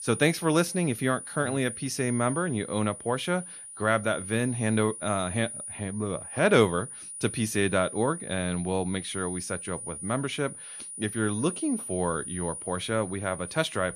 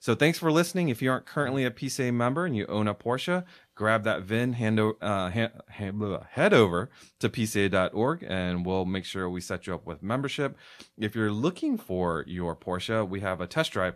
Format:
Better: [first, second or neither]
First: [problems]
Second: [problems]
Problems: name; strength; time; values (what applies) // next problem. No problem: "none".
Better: second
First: high-pitched whine; loud; throughout; 9.5 kHz, 9 dB below the speech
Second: none